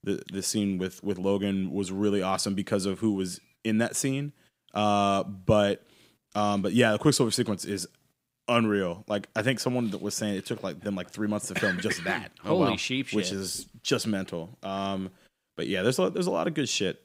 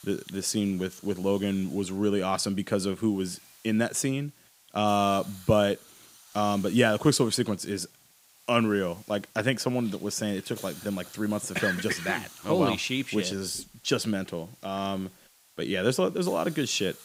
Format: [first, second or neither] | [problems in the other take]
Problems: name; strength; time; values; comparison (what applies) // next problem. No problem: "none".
first | hiss; faint; throughout; 20 dB below the speech